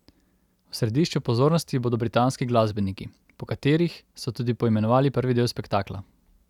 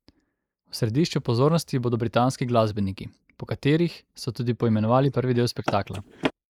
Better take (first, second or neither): first